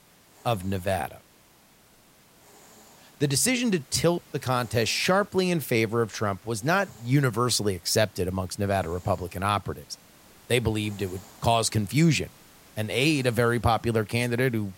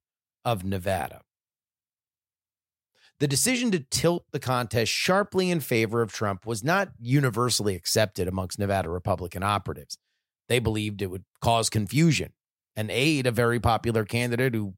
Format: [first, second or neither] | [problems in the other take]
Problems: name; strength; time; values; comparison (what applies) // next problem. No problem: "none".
second | hiss; faint; throughout; 25 dB below the speech